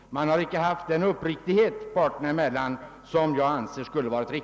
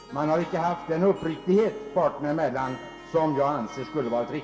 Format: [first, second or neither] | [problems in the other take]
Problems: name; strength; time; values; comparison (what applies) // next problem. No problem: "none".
first | background sound (Harp); 18 dB below the speech // room echo; dies away in 0.2 s